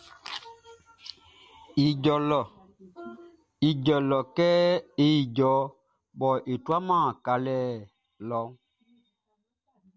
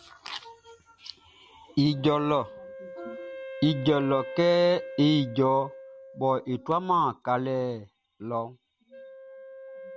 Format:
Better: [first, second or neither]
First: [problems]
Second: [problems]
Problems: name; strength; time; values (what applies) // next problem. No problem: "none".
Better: first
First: none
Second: background sound (Wind instrument, woodwind instrument); 15 dB below the speech